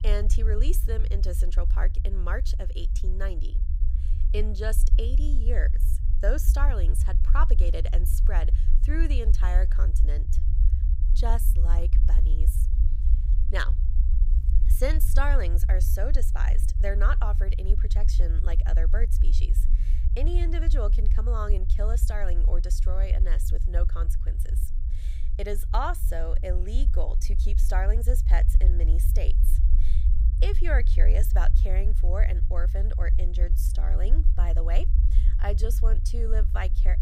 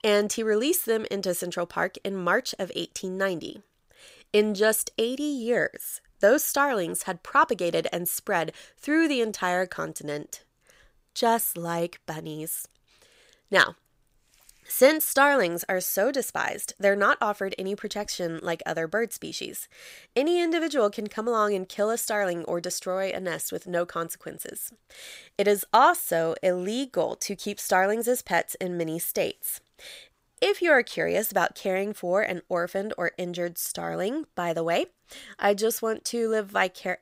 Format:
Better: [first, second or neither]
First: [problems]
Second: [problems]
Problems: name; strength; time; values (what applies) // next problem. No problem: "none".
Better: second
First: low rumble; noticeable; throughout; 10 dB below the speech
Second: none